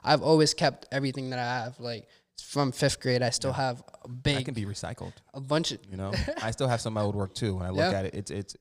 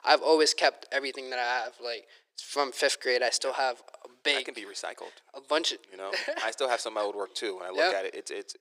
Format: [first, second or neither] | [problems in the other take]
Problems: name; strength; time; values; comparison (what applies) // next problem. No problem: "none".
first | thin; very; fading below 350 Hz